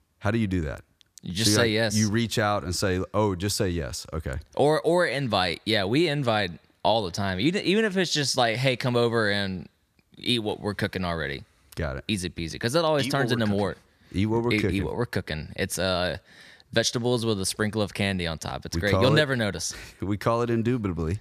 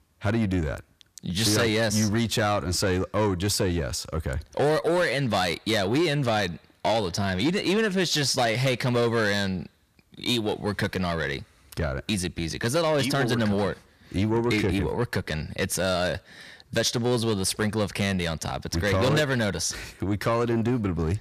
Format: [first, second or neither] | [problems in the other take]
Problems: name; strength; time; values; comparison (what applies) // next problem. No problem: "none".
first | distortion; slight; 10 dB below the speech